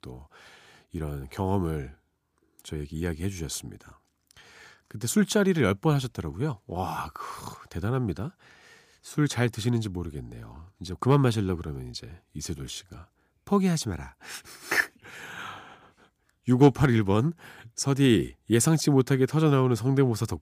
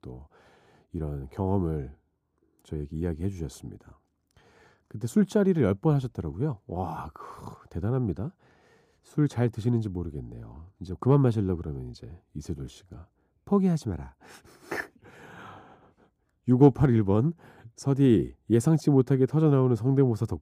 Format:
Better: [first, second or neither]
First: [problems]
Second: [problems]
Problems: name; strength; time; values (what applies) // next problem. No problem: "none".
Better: first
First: none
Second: muffled; slightly; fading above 1 kHz